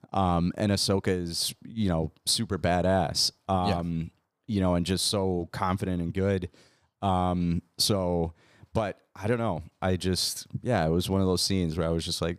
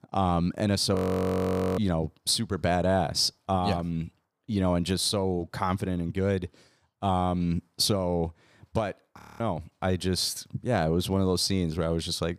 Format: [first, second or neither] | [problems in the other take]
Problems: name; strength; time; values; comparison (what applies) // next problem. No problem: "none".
first | audio freezing; at 1 s for 1 s and at 9 s